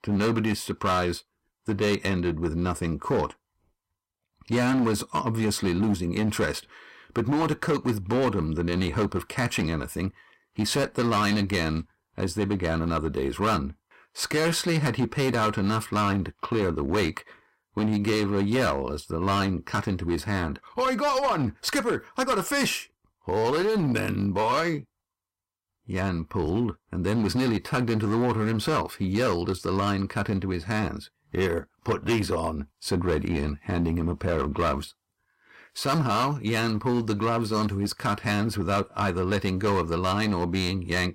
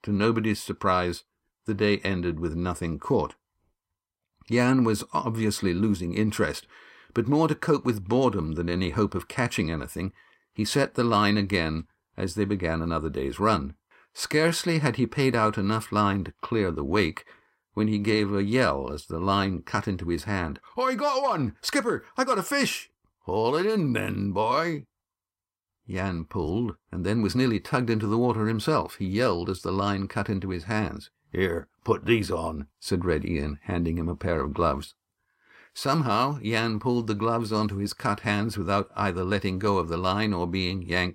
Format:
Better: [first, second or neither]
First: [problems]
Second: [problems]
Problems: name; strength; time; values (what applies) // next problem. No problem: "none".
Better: second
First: distortion; slight; 10% of the sound clipped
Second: none